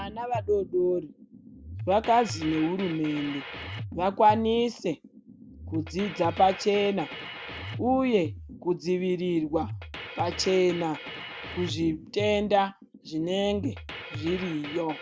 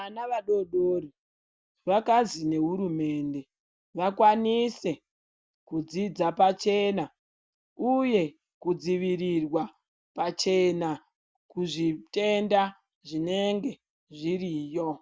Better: second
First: background sound (Drum kit); 12 dB below the speech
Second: none

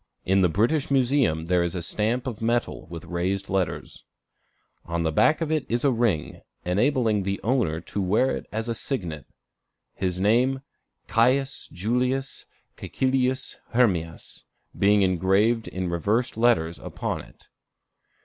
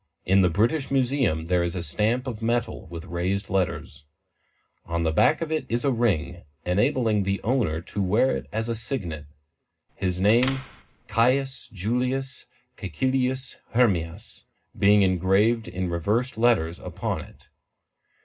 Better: first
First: none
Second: background sound (Door); 14 dB below the speech // room echo; dies away in 0.2 s

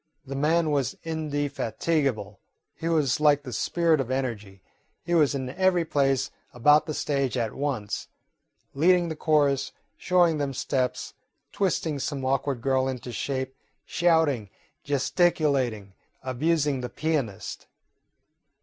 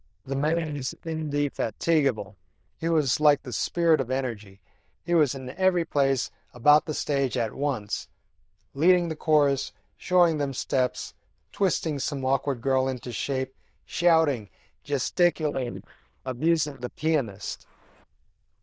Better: first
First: none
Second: noise reduction (neural diffusion model UNIVERSE++)

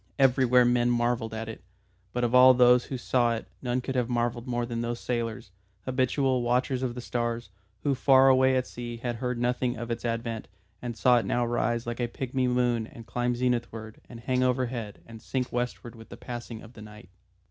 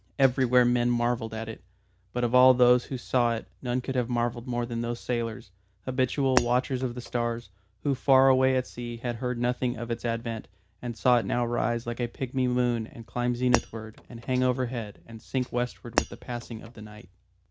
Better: first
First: none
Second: background sound (Shatter); 8 dB below the speech

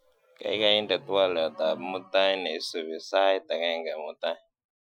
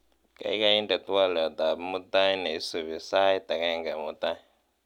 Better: second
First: noise reduction (classical method Wiener filter)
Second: none

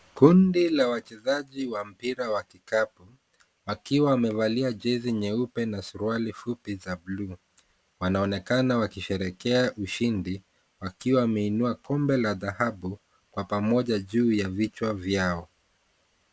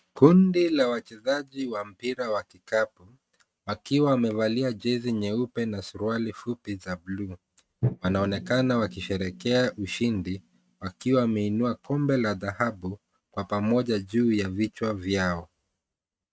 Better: first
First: none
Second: noise reduction (neural mask model RNNoise)

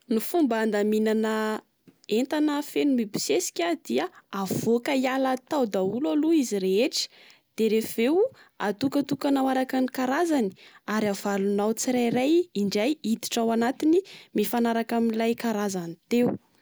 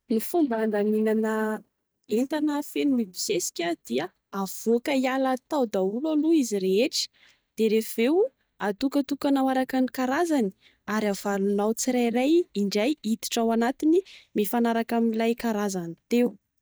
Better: first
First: none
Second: noise reduction (neural mask model DeepFilterNet 3)

